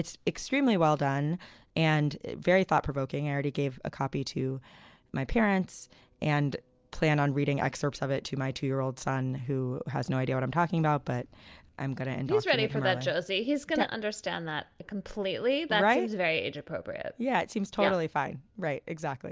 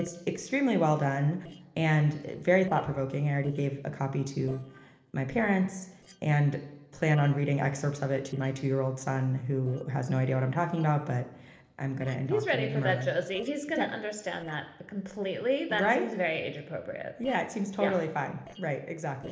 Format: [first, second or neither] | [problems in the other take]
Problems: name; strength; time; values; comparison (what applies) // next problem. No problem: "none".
first | noise reduction (neural separator model SepFormer DNS4)